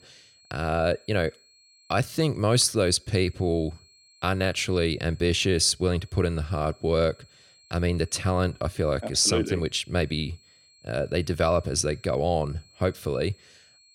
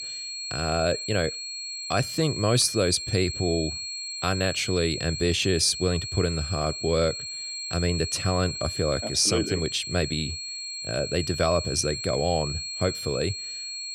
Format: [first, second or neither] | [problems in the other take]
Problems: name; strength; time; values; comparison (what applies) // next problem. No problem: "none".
first | high-pitched whine; loud; throughout; 4.5 kHz, 5 dB below the speech; faint in the first